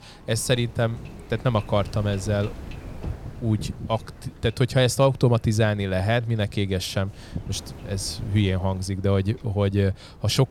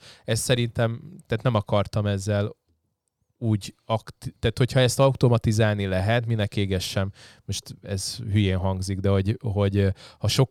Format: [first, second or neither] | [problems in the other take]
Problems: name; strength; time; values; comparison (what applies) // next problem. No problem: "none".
second | wind noise on the microphone; occasional gusts; 20 dB below the speech